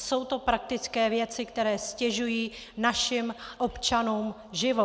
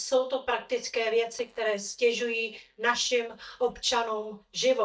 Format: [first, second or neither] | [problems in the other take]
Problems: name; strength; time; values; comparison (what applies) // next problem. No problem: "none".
first | noise reduction (neural mask model DeepFilterNet 3)